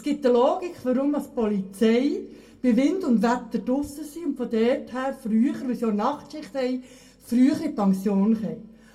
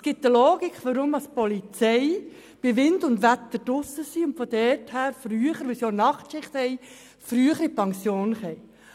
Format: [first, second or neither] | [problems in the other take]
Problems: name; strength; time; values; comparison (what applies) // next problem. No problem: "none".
second | room echo; dies away in 0.2 s